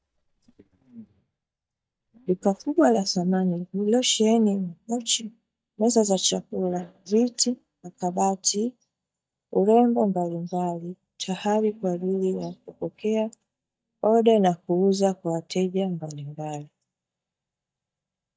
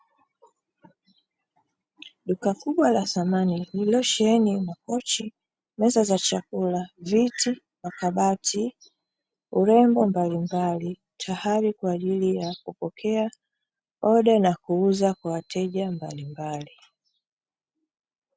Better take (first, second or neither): second